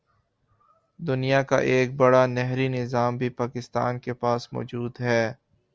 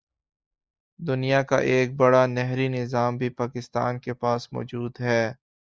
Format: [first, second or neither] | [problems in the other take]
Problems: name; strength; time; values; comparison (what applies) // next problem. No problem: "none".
first | noise reduction (neural mask model Resemble Enhance denoiser)